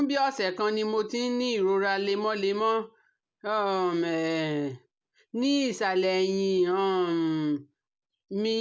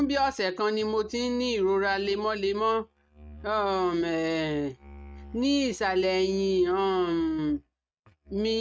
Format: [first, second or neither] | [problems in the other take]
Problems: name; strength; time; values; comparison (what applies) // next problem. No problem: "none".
first | noise reduction (neural mask model RNNoise)